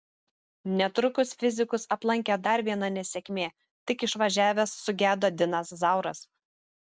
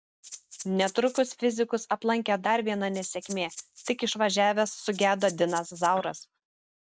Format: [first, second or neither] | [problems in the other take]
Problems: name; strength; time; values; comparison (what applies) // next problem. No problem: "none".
first | background sound (Piano + Rattle (instrument)); 17 dB below the speech